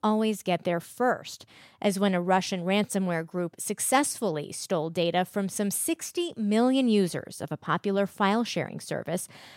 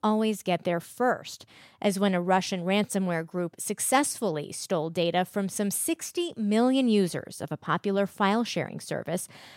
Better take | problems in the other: neither | none

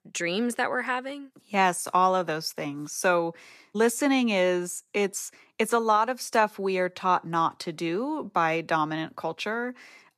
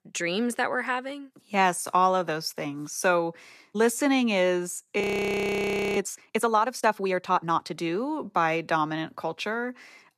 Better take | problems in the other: first | audio freezing; at 5 s for 1 s

